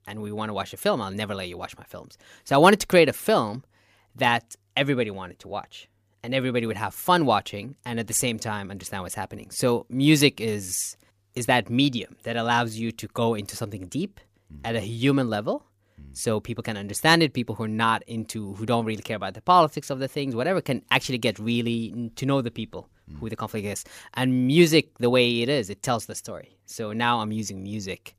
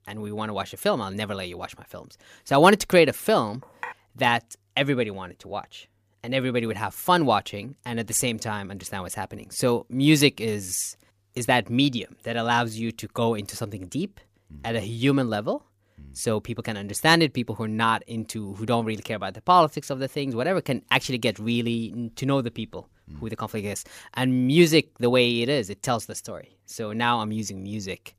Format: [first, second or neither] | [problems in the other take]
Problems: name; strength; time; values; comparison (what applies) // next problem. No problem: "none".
first | clattering dishes; faint; at 3.5 s; peak 15 dB below the speech